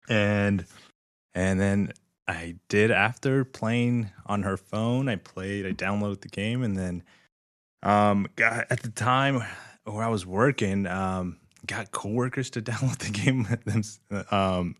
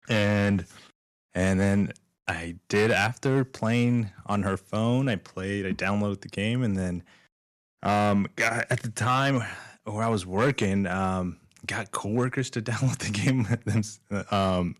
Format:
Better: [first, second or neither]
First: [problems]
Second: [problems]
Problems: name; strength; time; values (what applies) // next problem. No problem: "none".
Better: first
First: none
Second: distortion; slight; 3% of the sound clipped